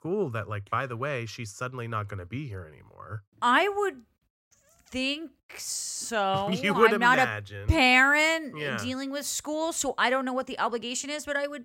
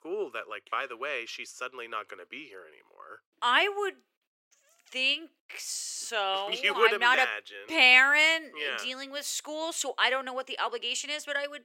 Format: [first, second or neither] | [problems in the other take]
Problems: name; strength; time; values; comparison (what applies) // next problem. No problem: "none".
first | thin; somewhat; fading below 350 Hz